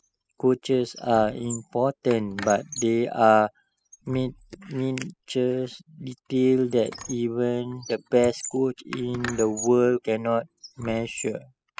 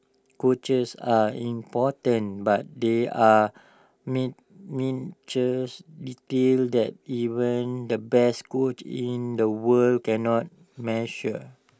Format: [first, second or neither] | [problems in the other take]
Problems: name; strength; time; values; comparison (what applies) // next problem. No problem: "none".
second | noise reduction (classical method spectral subtraction)